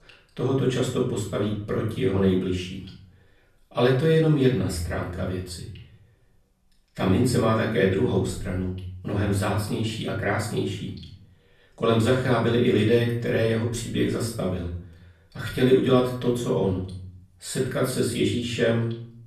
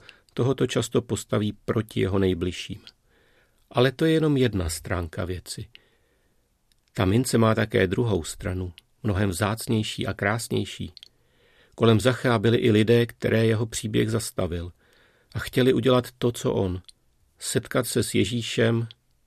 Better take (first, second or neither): second